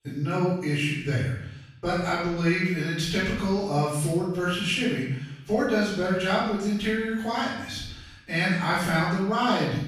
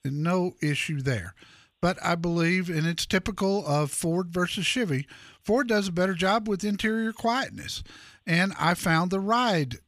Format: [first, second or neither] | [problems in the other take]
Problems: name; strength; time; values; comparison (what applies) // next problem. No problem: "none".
second | room echo; strong; dies away in 0.7 s // off-mic speech; far